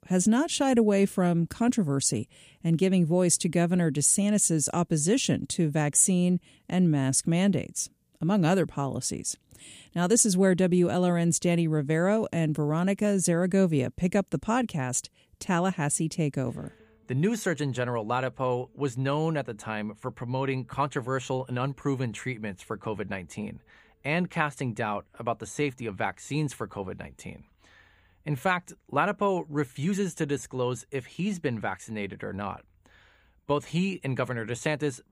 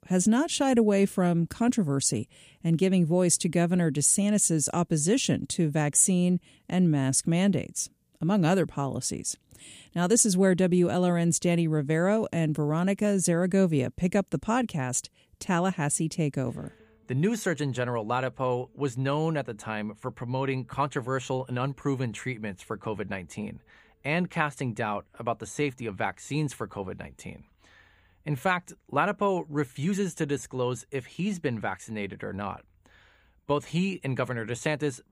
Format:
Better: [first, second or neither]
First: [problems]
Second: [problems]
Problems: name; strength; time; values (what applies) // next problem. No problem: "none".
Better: neither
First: none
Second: none